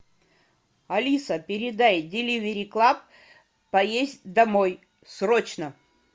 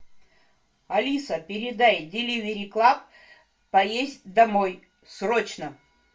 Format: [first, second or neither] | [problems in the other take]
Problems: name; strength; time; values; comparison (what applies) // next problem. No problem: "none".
first | room echo; dies away in 0.2 s